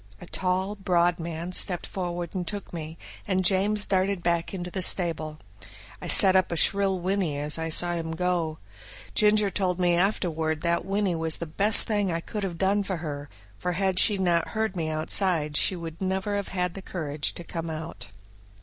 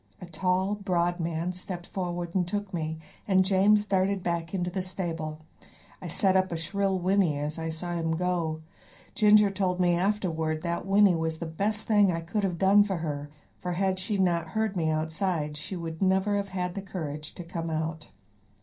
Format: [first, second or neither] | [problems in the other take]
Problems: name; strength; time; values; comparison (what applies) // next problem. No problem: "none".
first | room echo; dies away in 0.3 s